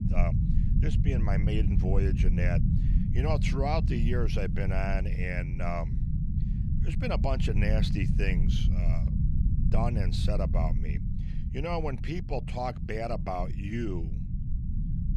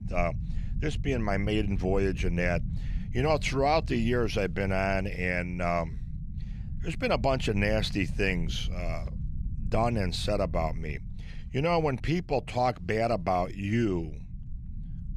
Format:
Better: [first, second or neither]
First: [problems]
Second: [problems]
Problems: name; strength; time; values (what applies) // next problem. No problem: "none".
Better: second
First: low rumble; loud; throughout; 7 dB below the speech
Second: low rumble; faint; throughout; 20 dB below the speech